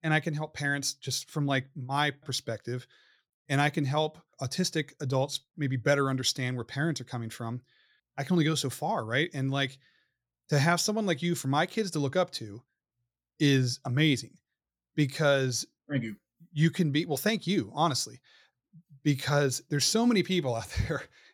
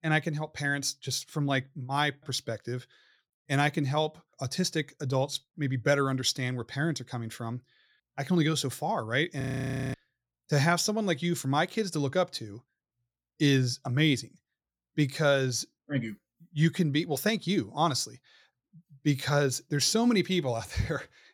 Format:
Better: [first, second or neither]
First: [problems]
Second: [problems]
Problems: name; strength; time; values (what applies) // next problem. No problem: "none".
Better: first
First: none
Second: audio freezing; at 9.5 s for 0.5 s